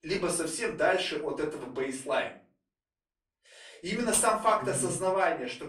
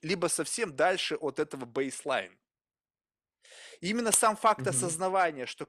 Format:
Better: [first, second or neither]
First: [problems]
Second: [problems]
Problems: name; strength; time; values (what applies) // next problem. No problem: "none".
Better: second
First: off-mic speech; far // room echo; slight; dies away in 0.3 s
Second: none